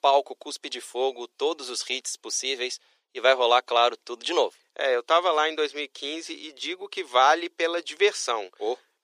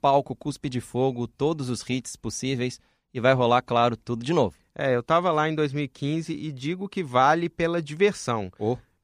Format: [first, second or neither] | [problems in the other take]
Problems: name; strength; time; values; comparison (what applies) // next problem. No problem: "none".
second | thin; very; fading below 350 Hz